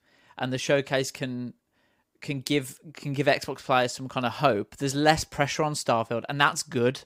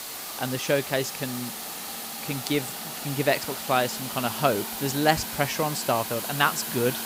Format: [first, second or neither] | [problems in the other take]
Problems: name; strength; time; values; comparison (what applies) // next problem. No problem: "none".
first | hiss; loud; throughout; 5 dB below the speech